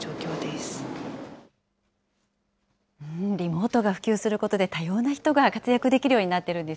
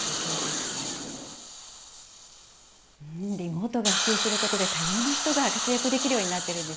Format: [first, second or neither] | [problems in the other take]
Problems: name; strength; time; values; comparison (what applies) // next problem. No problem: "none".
first | background sound (Hiss); 1 dB above the speech // room echo; dies away in 1.6 s